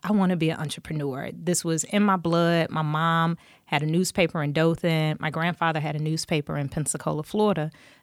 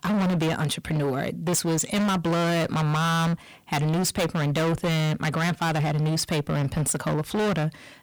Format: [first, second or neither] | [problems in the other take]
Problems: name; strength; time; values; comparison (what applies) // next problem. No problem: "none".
first | distortion; heavy; 33% of the sound clipped